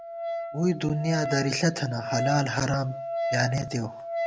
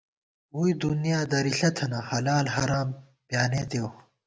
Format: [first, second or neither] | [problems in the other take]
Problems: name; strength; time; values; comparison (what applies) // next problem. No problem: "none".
second | background sound (Wind instrument, woodwind instrument); 5 dB below the speech